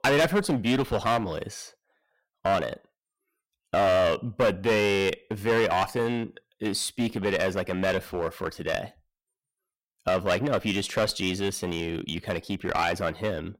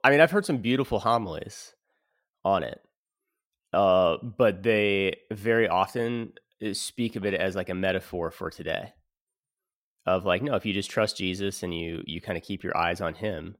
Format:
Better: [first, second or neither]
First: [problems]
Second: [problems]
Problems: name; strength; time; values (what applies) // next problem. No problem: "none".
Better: second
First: distortion; heavy; 9% of the sound clipped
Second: none